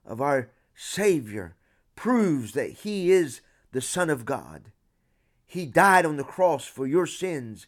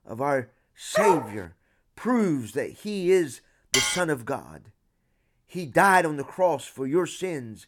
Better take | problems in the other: first | dog barking; loud; at 1 s; peak 2 dB above the speech // clattering dishes; loud; at 3.5 s; peak 2 dB above the speech

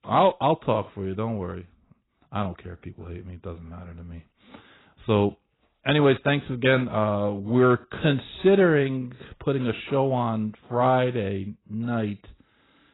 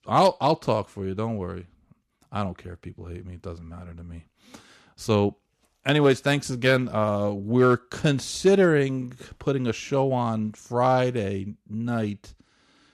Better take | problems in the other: second | garbled, watery; badly; nothing above 4 kHz

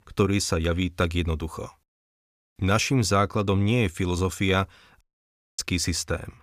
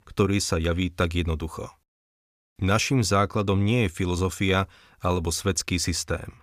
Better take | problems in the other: second | audio cutting out; at 5 s for 0.5 s

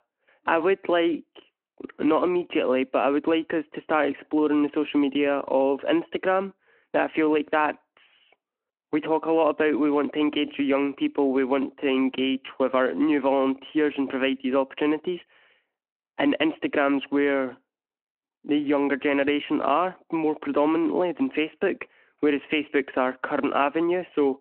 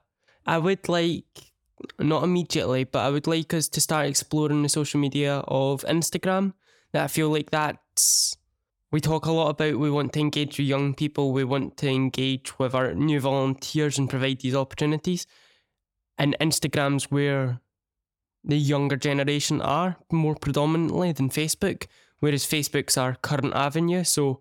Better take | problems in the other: second | phone-call audio

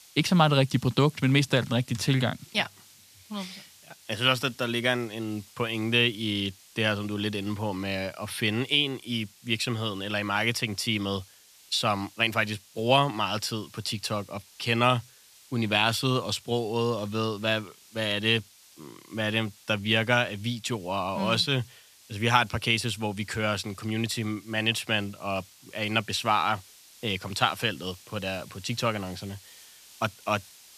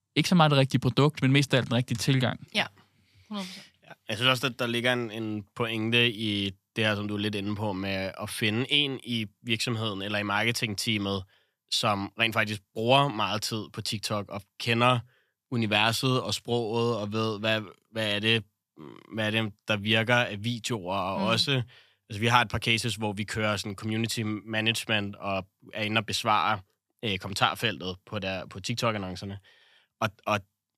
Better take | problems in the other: second | hiss; faint; throughout; 25 dB below the speech

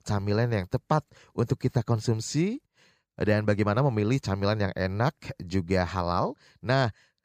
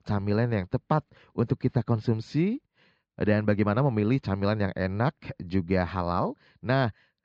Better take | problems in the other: first | muffled; very slightly; fading above 4 kHz

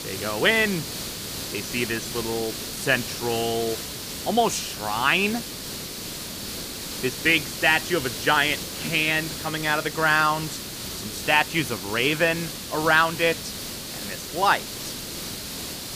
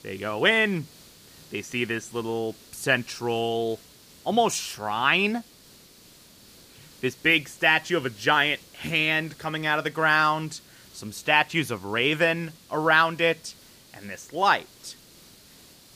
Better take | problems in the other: second | hiss; loud; throughout; 8 dB below the speech; faint in the second

